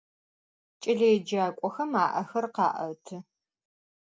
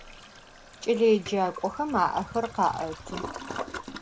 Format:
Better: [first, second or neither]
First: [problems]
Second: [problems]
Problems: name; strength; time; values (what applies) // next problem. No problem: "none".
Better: first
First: none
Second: background sound (Toilet flush); 12 dB below the speech